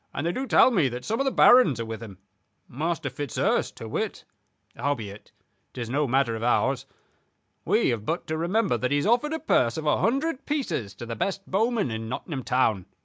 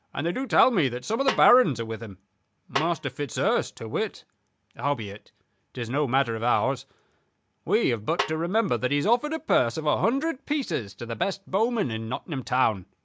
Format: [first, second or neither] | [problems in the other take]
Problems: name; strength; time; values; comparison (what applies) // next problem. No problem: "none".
first | background sound (Snare drum); 9 dB below the speech